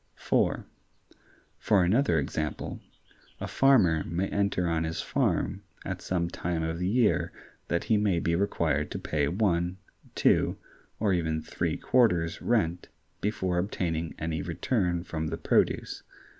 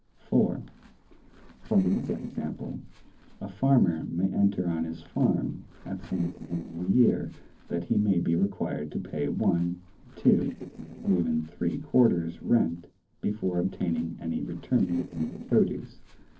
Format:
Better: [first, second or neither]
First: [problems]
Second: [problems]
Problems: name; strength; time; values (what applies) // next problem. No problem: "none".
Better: first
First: none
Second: noise reduction (neural separator model SepFormer DNS4)